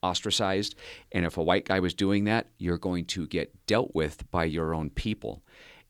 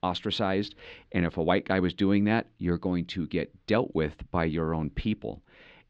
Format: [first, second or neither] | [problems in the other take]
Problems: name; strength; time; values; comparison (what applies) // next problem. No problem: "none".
first | muffled; slightly; fading above 3.5 kHz